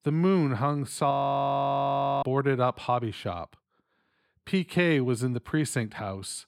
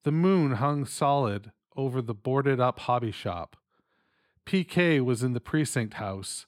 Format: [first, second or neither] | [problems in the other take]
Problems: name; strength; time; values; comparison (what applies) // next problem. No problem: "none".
second | audio freezing; at 1 s for 1 s